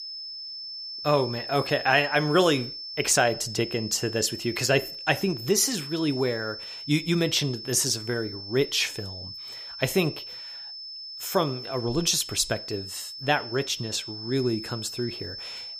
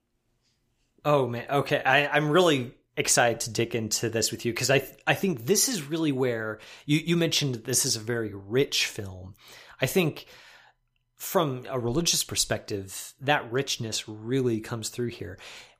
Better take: second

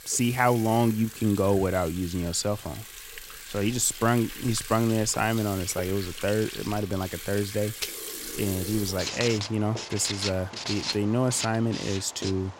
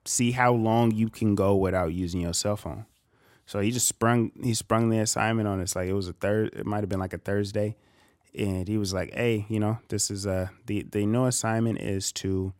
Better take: second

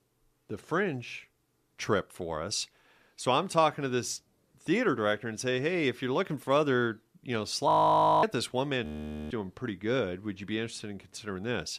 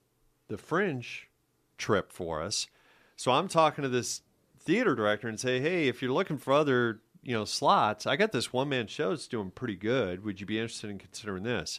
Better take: second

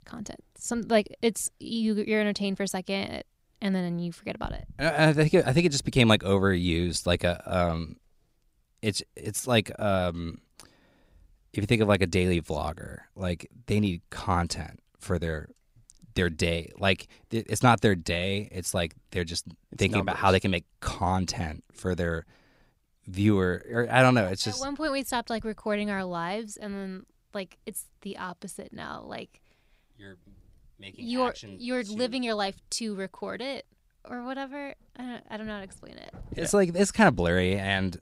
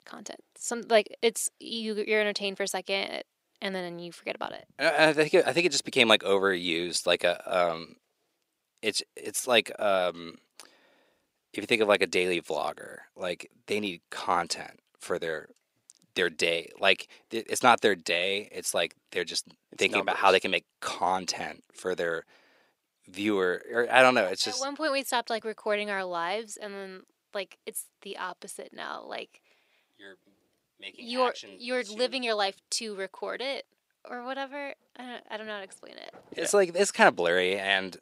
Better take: first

